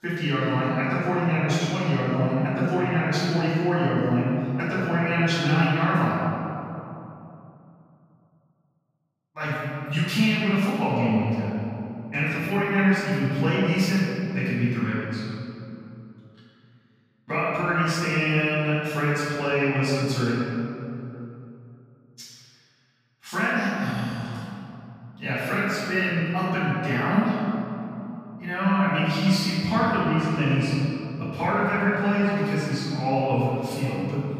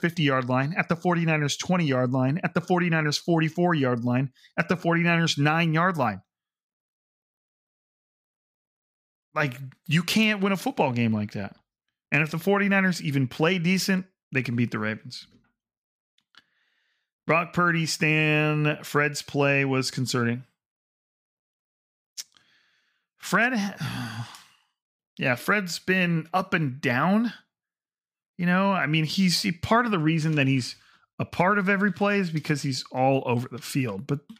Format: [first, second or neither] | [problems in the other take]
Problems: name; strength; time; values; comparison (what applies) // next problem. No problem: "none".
second | off-mic speech; far // room echo; strong; dies away in 2.8 s